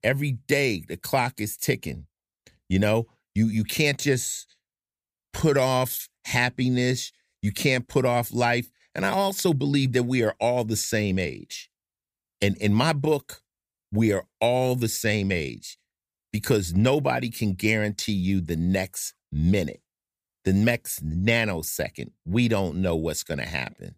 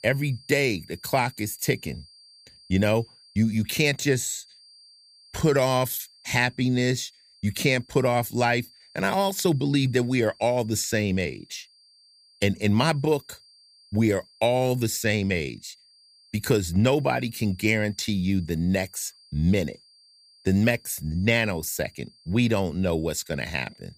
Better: first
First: none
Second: high-pitched whine; faint; throughout; 4.5 kHz, 25 dB below the speech

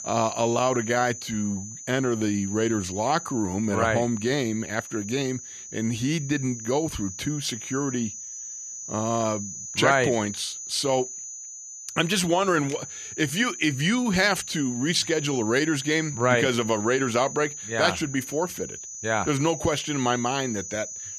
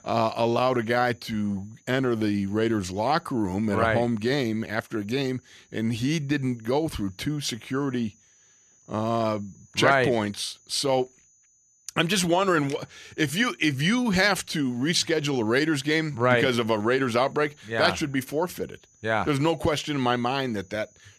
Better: second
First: high-pitched whine; loud; throughout; 6 kHz, 10 dB below the speech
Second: high-pitched whine; faint; throughout; 6 kHz, 30 dB below the speech

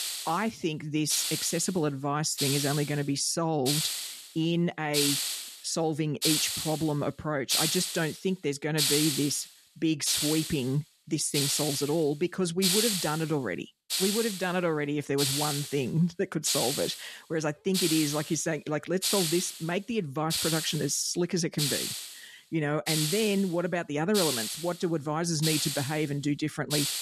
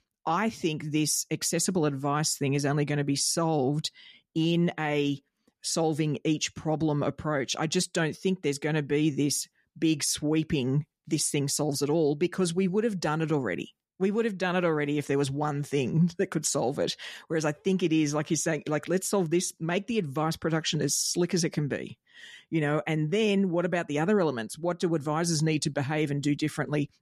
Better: second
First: hiss; loud; throughout; as loud as the speech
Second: none

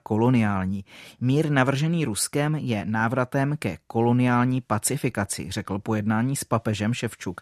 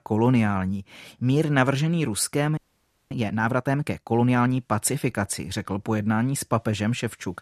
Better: first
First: none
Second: audio freezing; at 2.5 s for 0.5 s

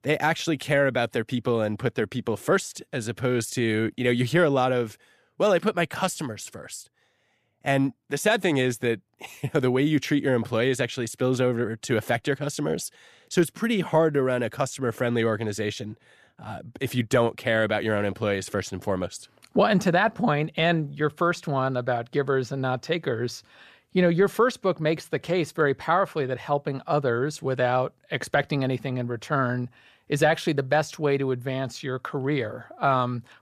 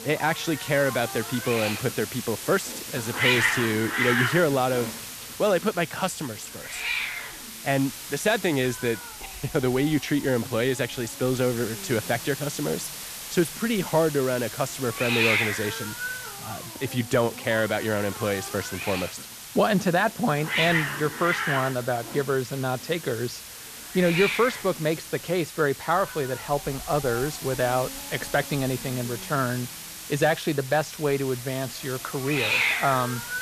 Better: first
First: none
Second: hiss; loud; throughout; 4 dB below the speech

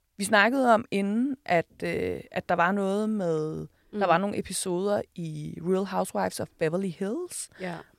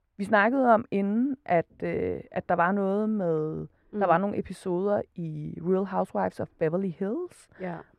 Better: first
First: none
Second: muffled; very; fading above 3 kHz

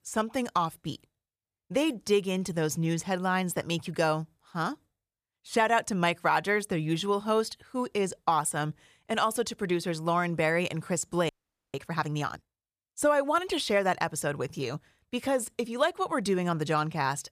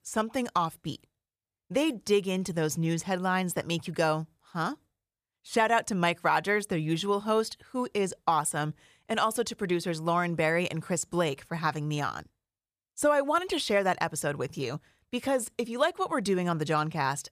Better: second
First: audio freezing; at 11 s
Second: none

